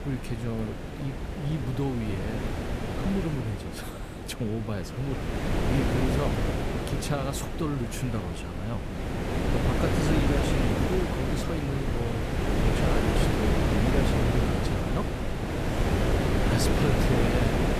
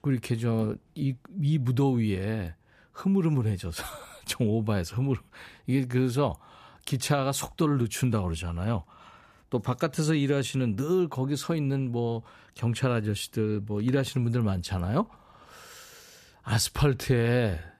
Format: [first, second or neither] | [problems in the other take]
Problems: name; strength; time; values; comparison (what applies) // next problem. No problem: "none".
second | wind noise on the microphone; heavy; 5 dB above the speech